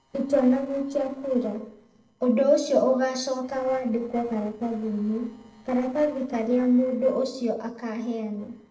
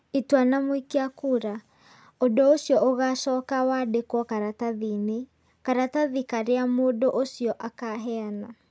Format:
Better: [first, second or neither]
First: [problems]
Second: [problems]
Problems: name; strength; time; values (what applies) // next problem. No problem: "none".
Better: second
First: noise reduction (neural separator model SepFormer DNS4)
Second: none